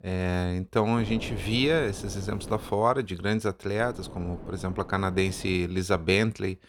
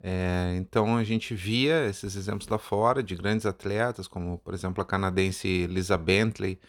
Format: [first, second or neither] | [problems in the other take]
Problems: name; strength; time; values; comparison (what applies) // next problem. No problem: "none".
second | wind noise on the microphone; occasional gusts; from 1 to 2.5 s and from 4 to 5.5 s; 15 dB below the speech